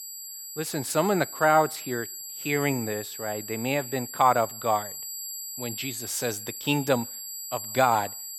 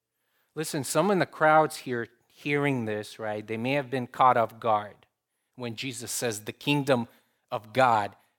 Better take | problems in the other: second | high-pitched whine; loud; throughout; 7.5 kHz, 8 dB below the speech

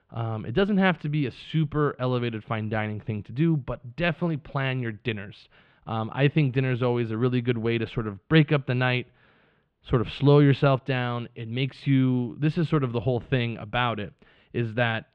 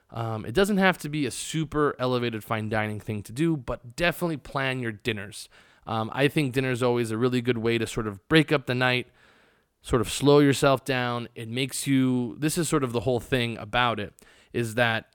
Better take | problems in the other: second | muffled; slightly; fading above 3 kHz

